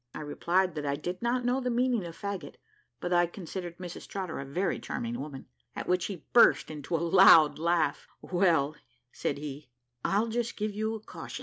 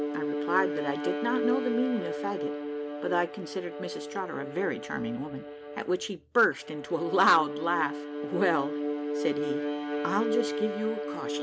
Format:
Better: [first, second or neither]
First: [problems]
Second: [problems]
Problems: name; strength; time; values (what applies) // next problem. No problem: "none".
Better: first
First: none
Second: background sound (Bowed string instrument); 3 dB below the speech